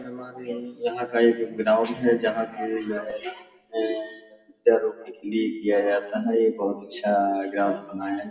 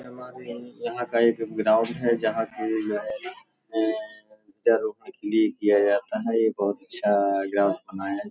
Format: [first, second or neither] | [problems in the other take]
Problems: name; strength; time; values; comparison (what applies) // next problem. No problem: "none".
second | room echo; dies away in 0.9 s